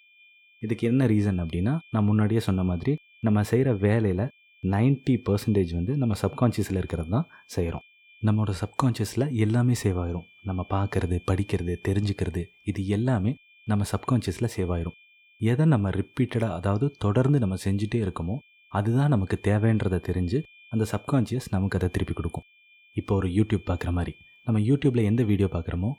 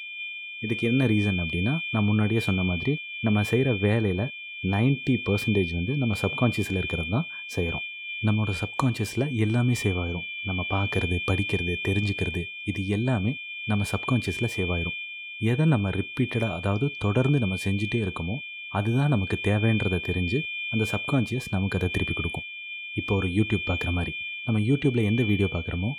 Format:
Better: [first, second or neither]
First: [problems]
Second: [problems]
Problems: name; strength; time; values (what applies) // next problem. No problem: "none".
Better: first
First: high-pitched whine; faint; throughout; 2.5 kHz, 25 dB below the speech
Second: high-pitched whine; loud; throughout; 2.5 kHz, 5 dB below the speech